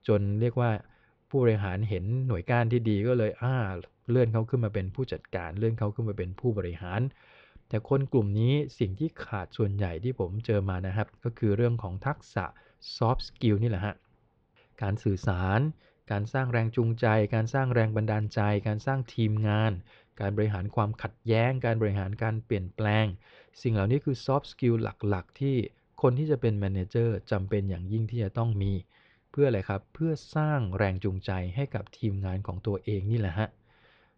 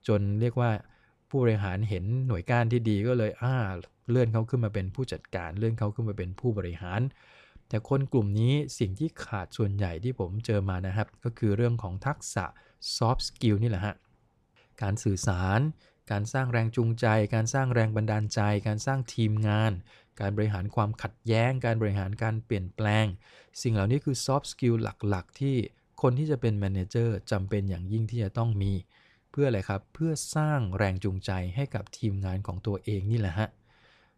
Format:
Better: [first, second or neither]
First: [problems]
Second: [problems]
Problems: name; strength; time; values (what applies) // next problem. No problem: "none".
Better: second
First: muffled; slightly; fading above 4 kHz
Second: none